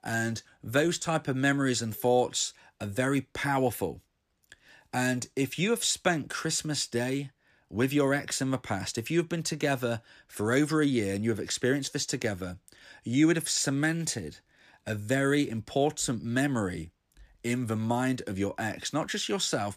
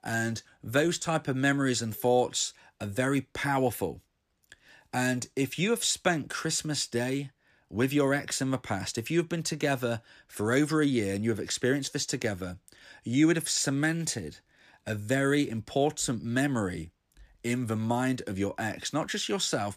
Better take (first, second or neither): neither